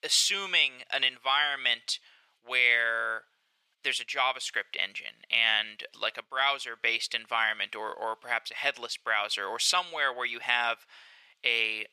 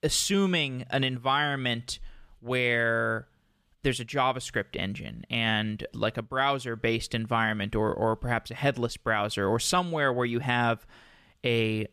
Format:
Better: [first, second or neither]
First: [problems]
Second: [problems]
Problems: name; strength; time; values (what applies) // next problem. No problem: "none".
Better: second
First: thin; very; fading below 800 Hz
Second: none